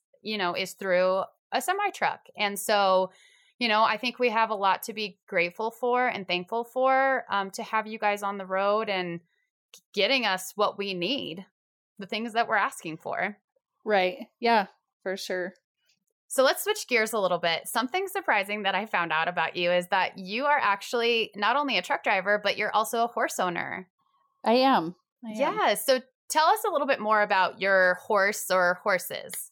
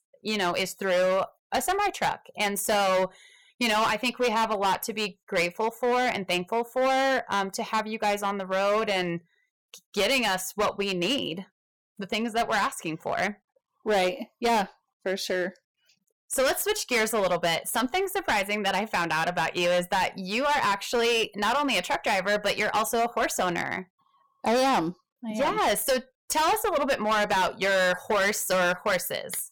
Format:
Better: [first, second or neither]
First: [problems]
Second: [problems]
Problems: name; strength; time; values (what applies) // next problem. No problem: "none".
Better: first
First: none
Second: distortion; heavy; 15% of the sound clipped